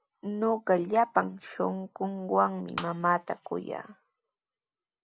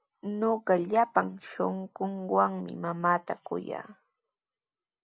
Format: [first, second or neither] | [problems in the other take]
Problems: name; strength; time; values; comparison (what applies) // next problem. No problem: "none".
second | background sound (Shatter); 14 dB below the speech